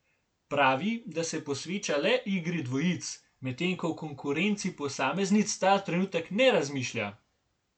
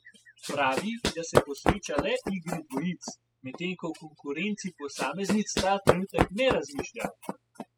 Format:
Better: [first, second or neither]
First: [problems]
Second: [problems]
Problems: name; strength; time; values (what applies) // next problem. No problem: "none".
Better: first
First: none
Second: noise reduction (classical method spectral subtraction)